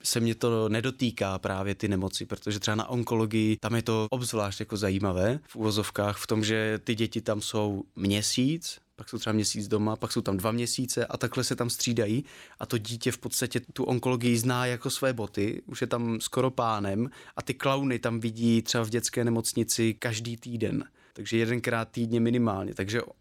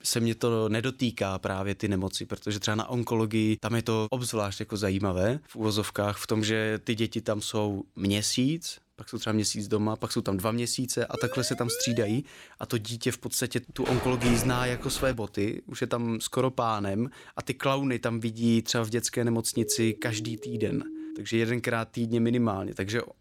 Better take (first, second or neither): first